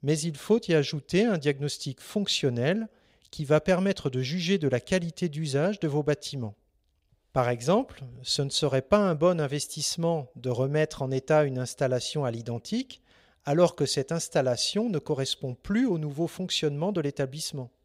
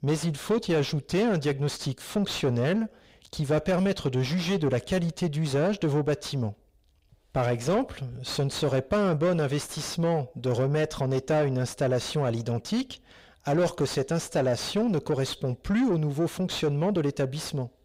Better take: first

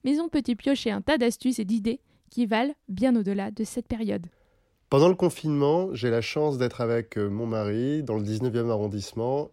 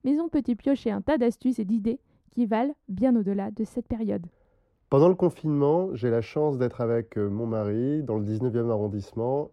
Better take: first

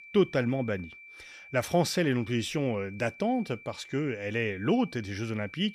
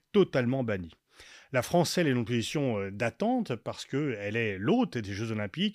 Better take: second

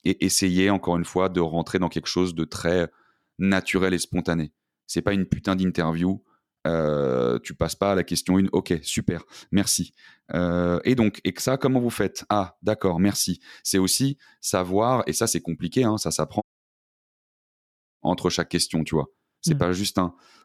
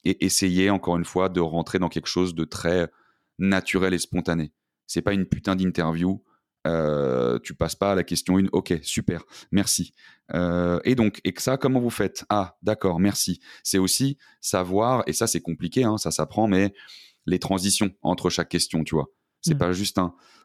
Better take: second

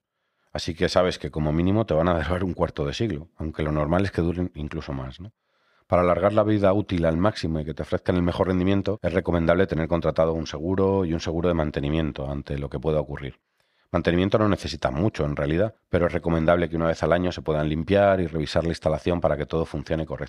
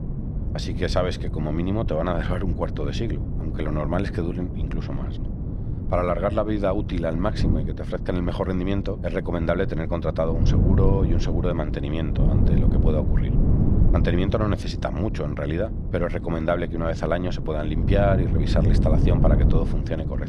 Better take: first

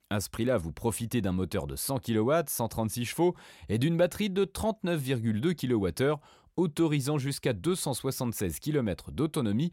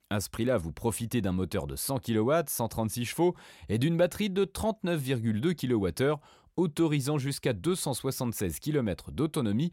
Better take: neither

